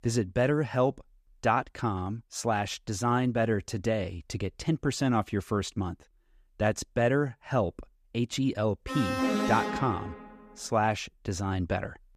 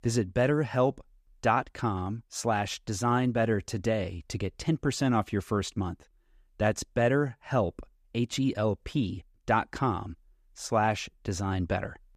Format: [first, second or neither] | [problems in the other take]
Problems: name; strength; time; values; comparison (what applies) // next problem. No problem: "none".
second | alarm; loud; from 9 to 10 s; peak 2 dB above the speech